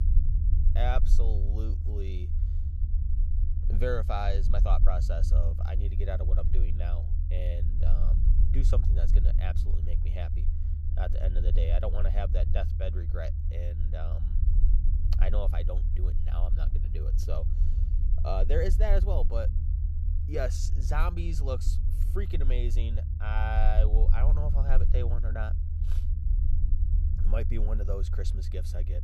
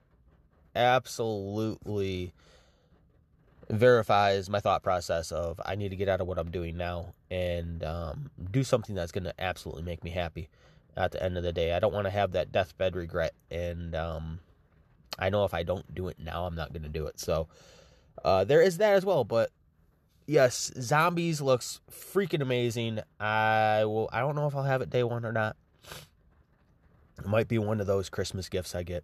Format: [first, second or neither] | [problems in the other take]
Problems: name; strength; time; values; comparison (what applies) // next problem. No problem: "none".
second | low rumble; loud; throughout; 10 dB below the speech